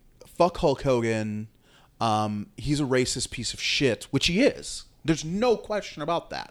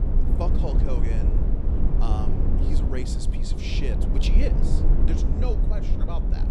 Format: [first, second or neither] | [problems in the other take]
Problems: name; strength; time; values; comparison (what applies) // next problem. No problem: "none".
first | low rumble; loud; throughout; 1 dB below the speech